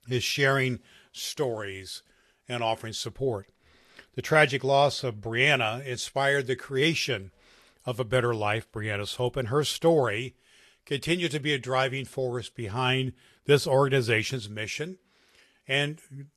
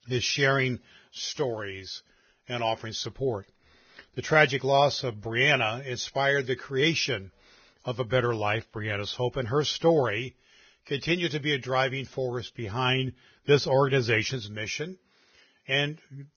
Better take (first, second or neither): first